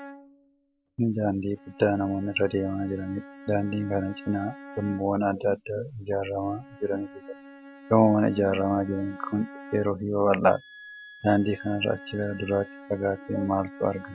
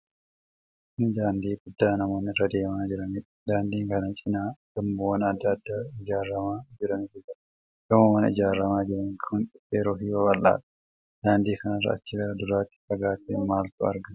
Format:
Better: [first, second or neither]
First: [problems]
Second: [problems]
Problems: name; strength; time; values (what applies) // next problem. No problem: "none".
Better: second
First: background sound (Wind instrument, woodwind instrument + Bowed string instrument); 19 dB below the speech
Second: none